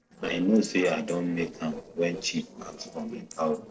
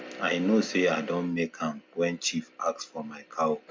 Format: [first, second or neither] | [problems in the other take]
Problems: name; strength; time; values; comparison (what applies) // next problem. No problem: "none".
second | noise reduction (neural separator model SepFormer DNS4)